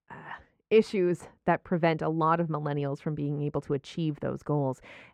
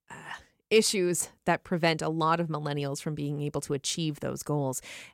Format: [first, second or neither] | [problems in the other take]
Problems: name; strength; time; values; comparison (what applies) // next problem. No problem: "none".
second | muffled; very; fading above 3.5 kHz